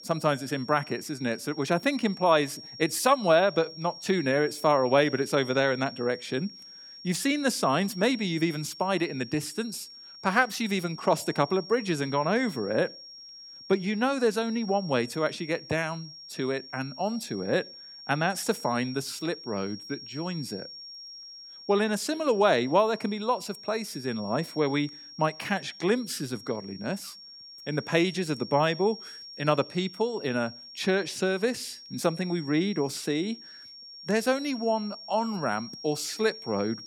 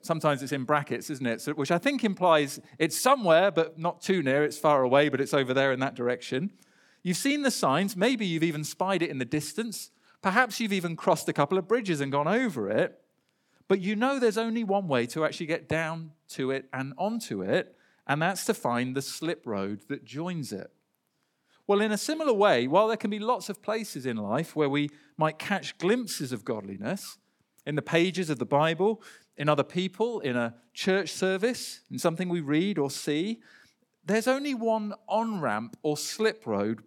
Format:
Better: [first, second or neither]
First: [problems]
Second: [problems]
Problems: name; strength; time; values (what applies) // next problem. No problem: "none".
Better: second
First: high-pitched whine; noticeable; throughout; 5.5 kHz, 15 dB below the speech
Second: none